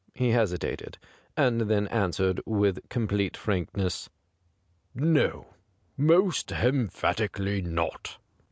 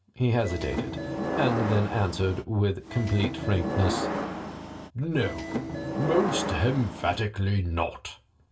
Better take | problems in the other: first | background sound (Subway, metro, underground / Sliding door); 4 dB below the speech // room echo; dies away in 0.2 s

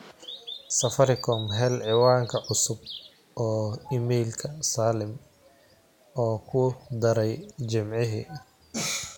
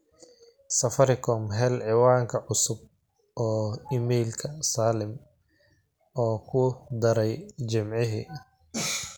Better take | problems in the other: second | background sound (Bird vocalization, bird call, bird song); 17 dB below the speech

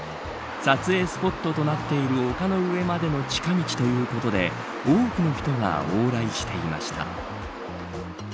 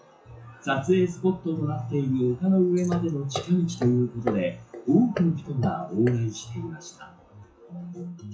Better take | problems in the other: first | noise reduction (classical method WPE with log-MMSE)

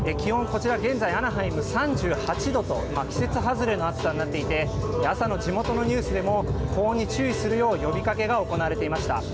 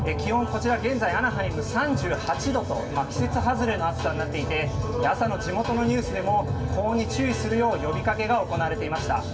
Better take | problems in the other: first | room echo; dies away in 0.4 s

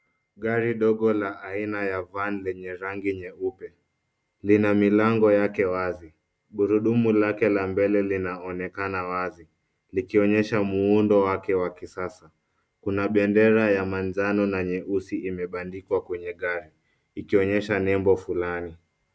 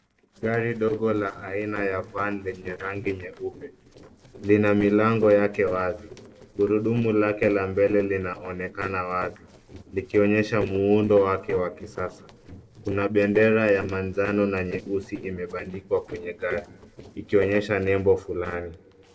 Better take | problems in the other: first | noise reduction (neural separator model SepFormer DNS4)

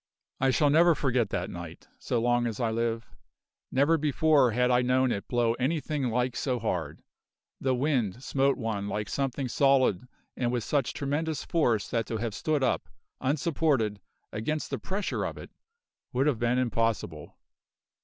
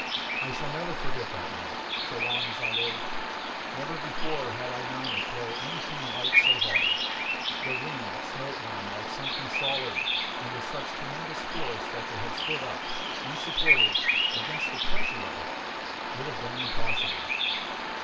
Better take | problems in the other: first | background sound (Bird vocalization, bird call, bird song); 4 dB above the speech // room echo; dies away in 0.2 s

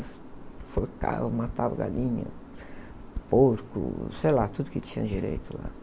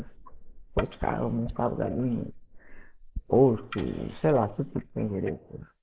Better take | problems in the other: first | noise reduction (neural mask model Resemble Enhance denoiser)

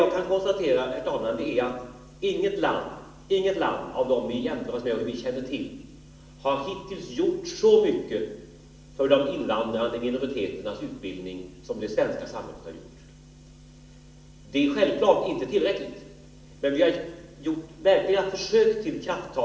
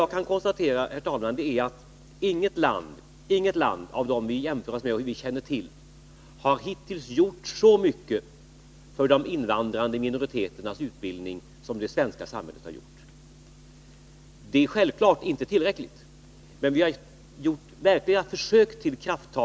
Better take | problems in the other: second | room echo; dies away in 0.9 s

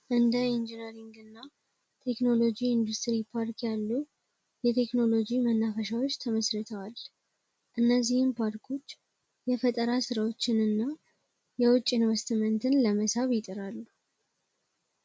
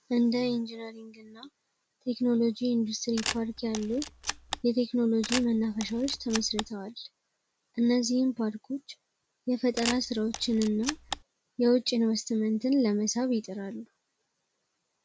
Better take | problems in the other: first | background sound (Camera); 8 dB below the speech

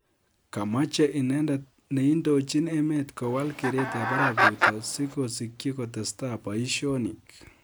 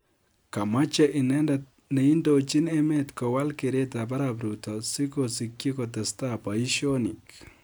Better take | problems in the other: second | background sound (Chicken, rooster); 1 dB above the speech

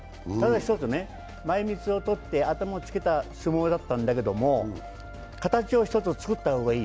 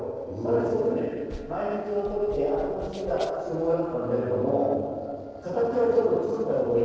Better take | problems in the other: first | noise reduction (neural separator model SepFormer DNS4)

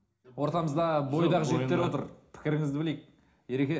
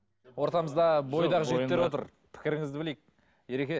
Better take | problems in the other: second | room echo; dies away in 0.4 s

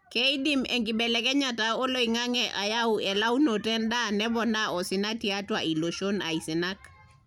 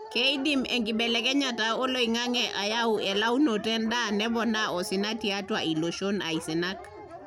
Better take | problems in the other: first | background sound (Dog); 15 dB below the speech

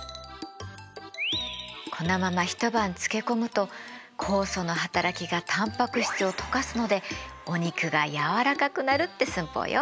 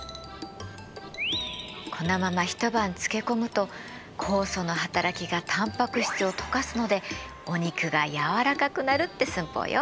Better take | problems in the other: first | background sound (Ocean); 20 dB below the speech

